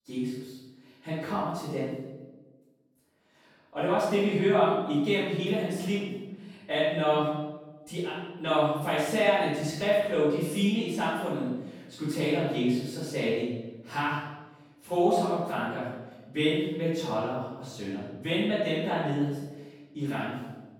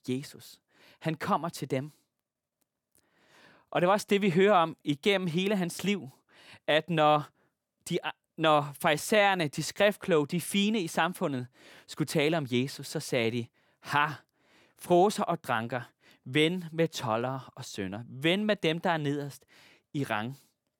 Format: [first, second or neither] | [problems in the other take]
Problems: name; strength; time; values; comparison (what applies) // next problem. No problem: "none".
second | room echo; strong; dies away in 1 s // off-mic speech; far